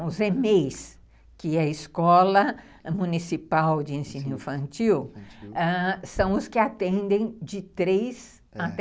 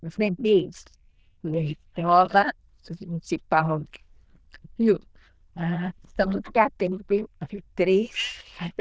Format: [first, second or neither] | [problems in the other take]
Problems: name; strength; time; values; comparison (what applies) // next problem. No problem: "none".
first | noise reduction (neural diffusion model UNIVERSE++)